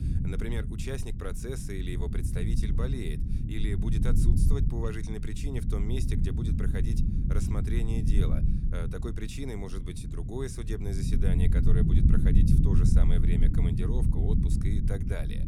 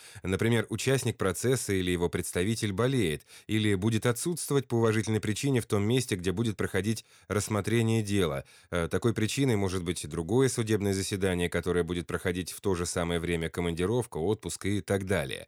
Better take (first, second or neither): second